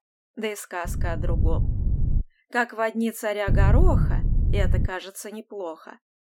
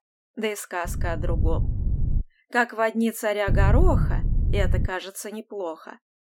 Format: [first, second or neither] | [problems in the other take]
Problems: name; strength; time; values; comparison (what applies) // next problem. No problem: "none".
second | wind noise on the microphone; heavy; from 1 to 2 s and from 3.5 to 5 s; 10 dB below the speech; occasional gusts in the second